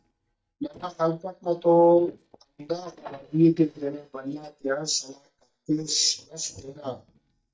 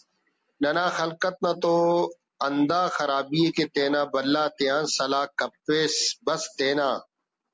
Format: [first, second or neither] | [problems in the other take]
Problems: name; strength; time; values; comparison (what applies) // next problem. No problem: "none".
second | noise reduction (neural mask model DeepFilterNet 3)